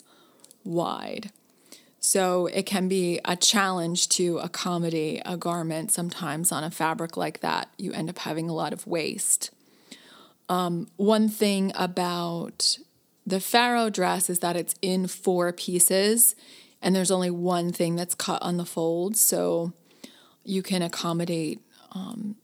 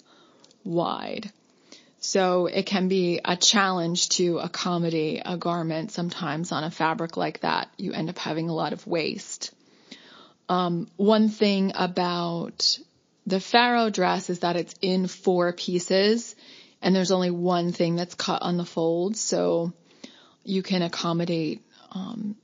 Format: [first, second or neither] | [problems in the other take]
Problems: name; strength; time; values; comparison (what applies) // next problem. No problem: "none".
first | garbled, watery; slightly